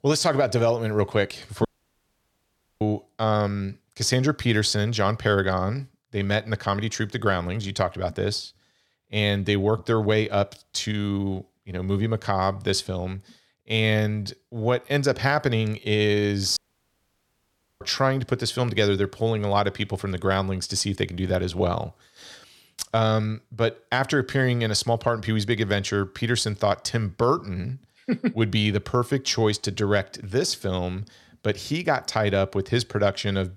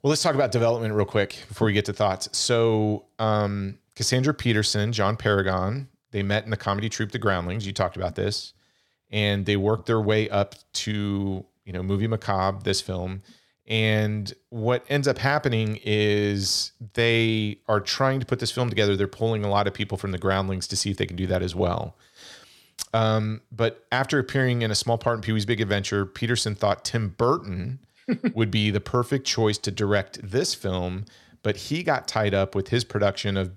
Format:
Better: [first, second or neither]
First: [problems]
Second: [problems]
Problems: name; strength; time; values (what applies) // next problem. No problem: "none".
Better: second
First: audio cutting out; at 1.5 s for 1 s and at 17 s for 1 s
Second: none